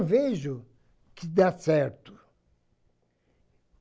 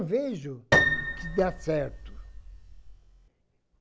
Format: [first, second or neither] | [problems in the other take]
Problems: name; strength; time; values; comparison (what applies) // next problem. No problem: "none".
first | background sound (Piano); 4 dB above the speech